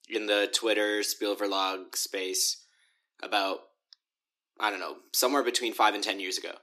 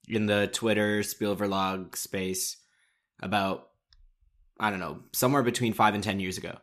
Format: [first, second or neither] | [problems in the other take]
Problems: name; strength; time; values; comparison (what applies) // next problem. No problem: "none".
second | thin; somewhat; fading below 300 Hz